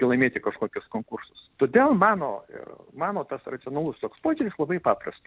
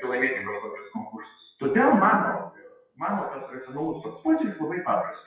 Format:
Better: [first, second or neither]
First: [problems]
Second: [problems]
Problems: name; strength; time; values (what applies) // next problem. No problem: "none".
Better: first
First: none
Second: noise reduction (classical method WPE with log-MMSE)